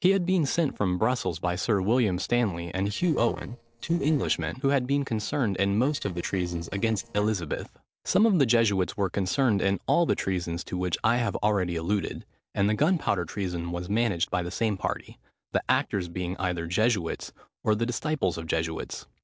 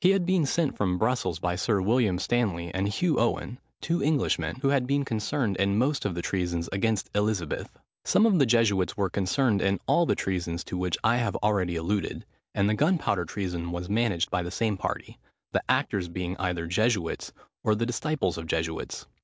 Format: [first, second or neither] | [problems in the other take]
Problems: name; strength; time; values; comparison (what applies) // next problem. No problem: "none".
second | noise reduction (neural separator model SepFormer DNS4)